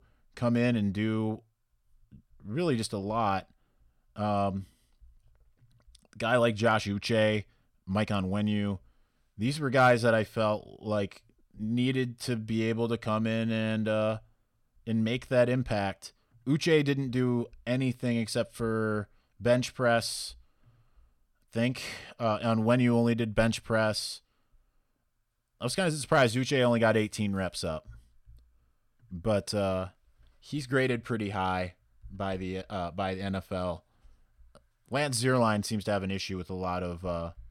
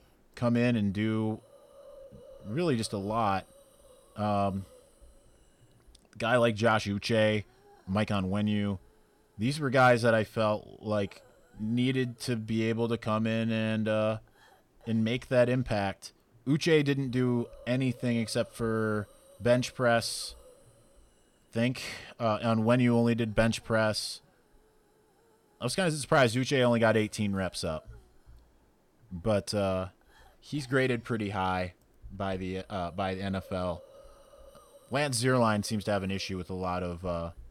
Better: first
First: none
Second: hiss; faint; throughout; 30 dB below the speech

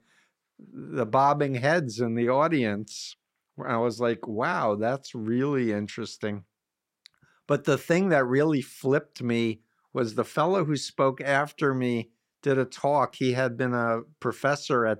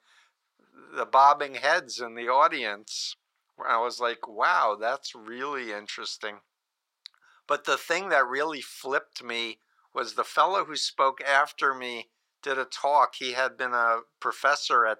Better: first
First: none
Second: thin; very; fading below 750 Hz

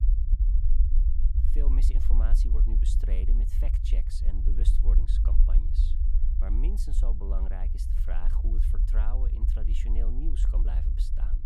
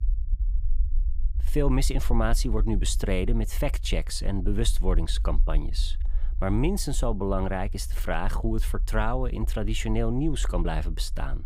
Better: second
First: low rumble; loud; throughout; 3 dB below the speech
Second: low rumble; faint; throughout; 25 dB below the speech

